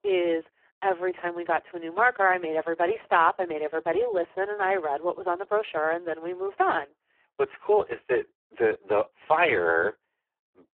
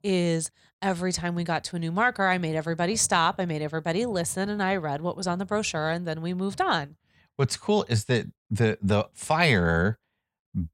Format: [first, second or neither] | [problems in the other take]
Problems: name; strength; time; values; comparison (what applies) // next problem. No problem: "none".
second | phone-call audio; poor line